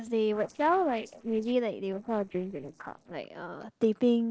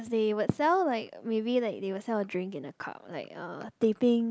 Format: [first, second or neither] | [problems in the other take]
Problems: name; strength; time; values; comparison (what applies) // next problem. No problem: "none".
second | noise reduction (neural separator model SepFormer DNS4)